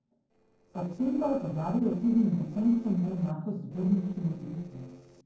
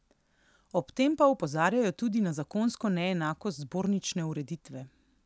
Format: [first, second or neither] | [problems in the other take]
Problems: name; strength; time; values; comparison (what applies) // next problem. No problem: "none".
second | noise reduction (neural separator model SepFormer DNS4)